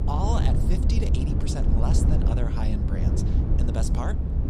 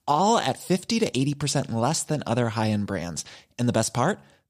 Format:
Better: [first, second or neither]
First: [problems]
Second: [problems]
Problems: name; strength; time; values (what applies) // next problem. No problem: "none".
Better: second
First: low rumble; loud; throughout; 1 dB below the speech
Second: none